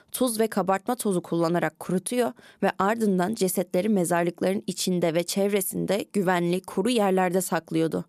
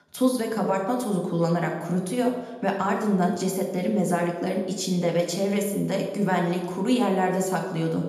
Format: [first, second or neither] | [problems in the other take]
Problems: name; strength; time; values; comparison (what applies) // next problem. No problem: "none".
first | room echo; noticeable; dies away in 0.9 s // off-mic speech; somewhat distant